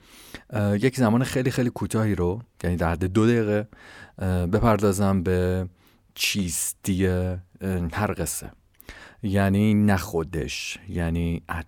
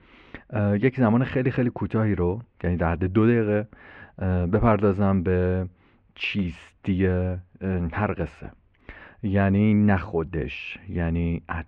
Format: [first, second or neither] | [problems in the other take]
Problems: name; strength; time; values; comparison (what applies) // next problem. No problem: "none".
first | muffled; very; fading above 2.5 kHz